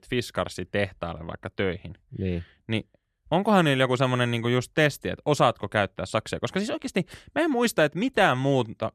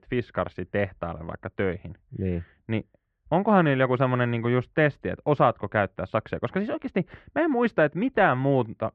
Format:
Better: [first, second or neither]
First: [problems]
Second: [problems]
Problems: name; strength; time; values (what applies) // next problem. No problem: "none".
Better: first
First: none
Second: muffled; very; fading above 2 kHz